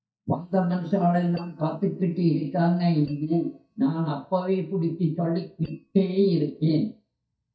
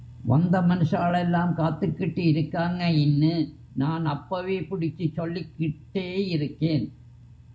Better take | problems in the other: second | noise reduction (neural mask model DeepFilterNet 3)

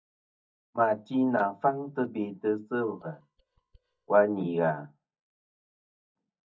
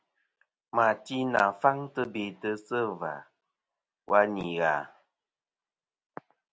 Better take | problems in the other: second | noise reduction (neural mask model DeepFilterNet 3)

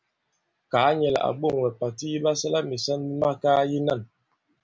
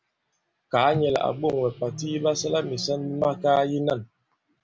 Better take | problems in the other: first | background sound (Microwave oven); 13 dB below the speech

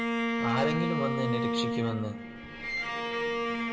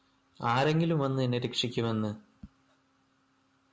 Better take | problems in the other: second | background sound (Bowed string instrument); 3 dB above the speech // room echo; dies away in 0.5 s

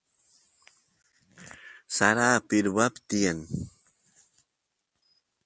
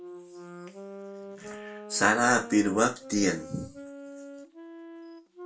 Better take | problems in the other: first | background sound (Wind instrument, woodwind instrument); 13 dB below the speech // room echo; dies away in 0.3 s

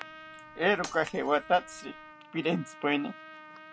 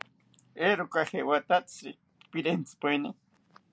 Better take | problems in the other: second | background sound (Trumpet + Shatter); 16 dB below the speech

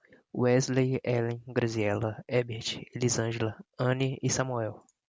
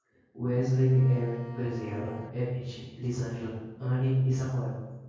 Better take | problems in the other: first | background sound (Bowed string instrument); 15 dB below the speech // room echo; dies away in 1.3 s

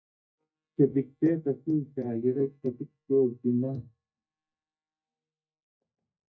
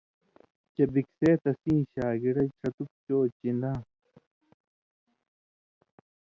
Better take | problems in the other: second | noise reduction (neural mask model DeepFilterNet 3)

